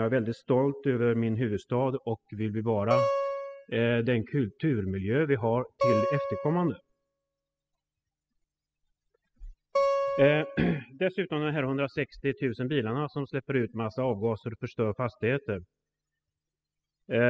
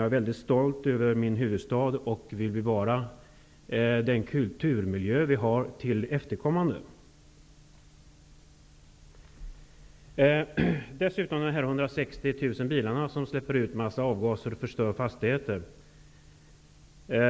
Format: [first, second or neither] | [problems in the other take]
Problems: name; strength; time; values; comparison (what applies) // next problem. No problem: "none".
second | noise reduction (classical method spectral subtraction)